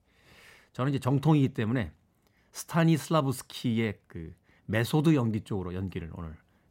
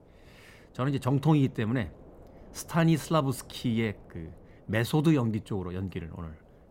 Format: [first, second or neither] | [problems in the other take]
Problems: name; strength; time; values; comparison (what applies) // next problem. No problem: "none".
first | wind noise on the microphone; occasional gusts; 25 dB below the speech